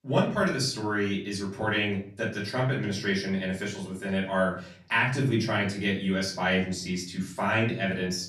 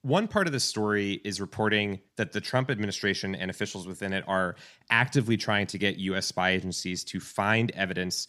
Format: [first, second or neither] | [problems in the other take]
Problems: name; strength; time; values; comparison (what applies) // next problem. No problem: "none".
second | room echo; slight; dies away in 0.5 s // off-mic speech; far